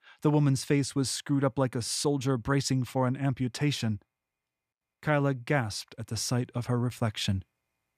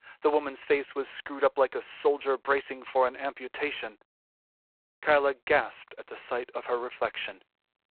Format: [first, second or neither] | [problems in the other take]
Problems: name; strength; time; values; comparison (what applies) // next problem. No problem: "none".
first | phone-call audio; poor line; nothing above 3.5 kHz